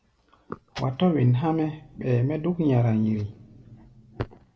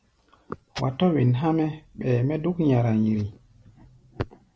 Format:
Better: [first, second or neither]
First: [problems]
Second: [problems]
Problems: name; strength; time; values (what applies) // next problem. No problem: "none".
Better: second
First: room echo; dies away in 1.6 s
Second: none